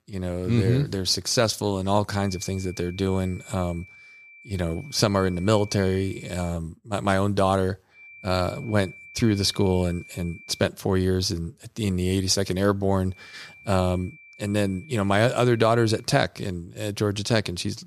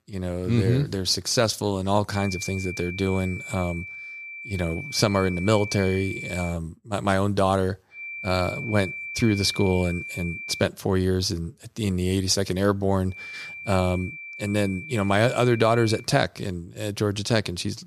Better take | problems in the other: first | high-pitched whine; loud; from 2 to 6.5 s, from 8 to 11 s and from 13 to 16 s; 2.5 kHz, 10 dB below the speech; faint in the first

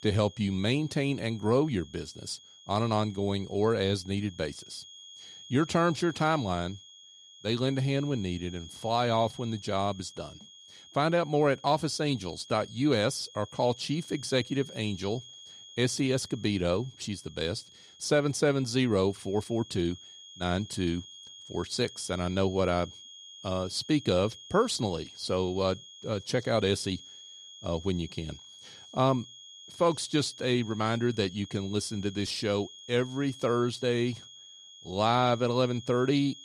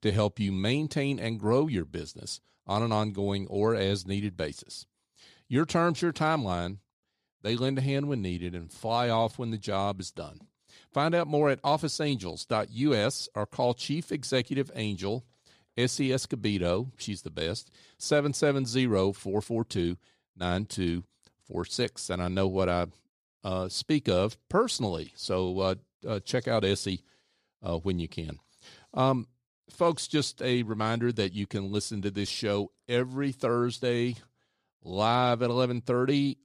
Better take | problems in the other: second | high-pitched whine; noticeable; throughout; 3.5 kHz, 20 dB below the speech

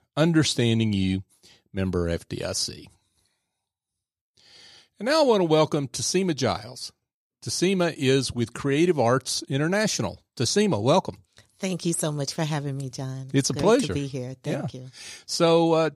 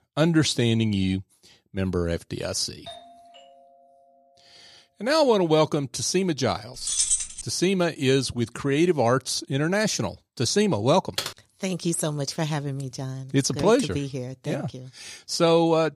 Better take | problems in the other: first | doorbell; faint; from 3 to 4 s; peak 20 dB below the speech // jangling keys; loud; at 7 s; peak 3 dB above the speech // keyboard typing; noticeable; at 11 s; peak 6 dB below the speech

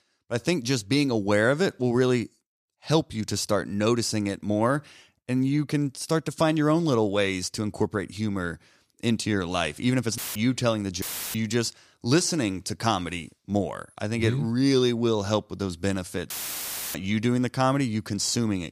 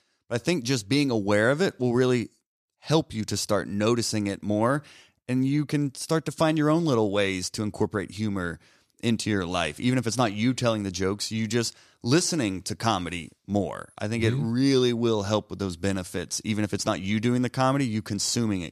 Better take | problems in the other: second | audio cutting out; filled with static; at 10 s, at 11 s and at 16 s for 0.5 s

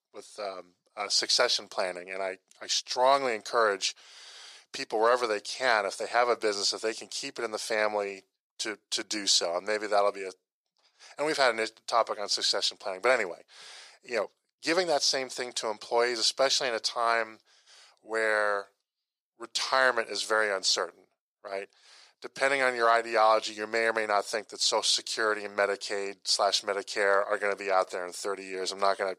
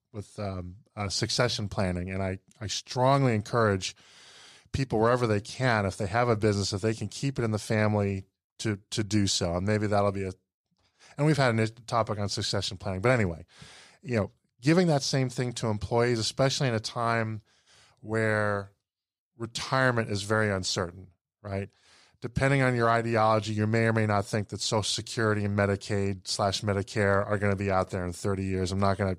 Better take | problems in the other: second | thin; very; fading below 450 Hz

